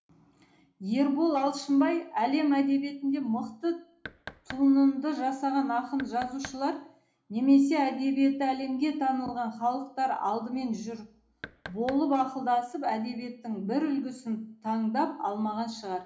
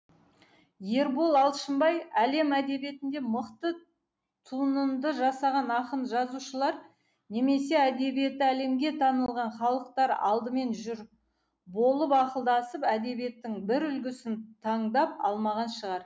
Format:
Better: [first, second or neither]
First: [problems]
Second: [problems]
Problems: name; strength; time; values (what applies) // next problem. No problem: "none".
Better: second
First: background sound (Knock); 18 dB below the speech // room echo; dies away in 0.4 s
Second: none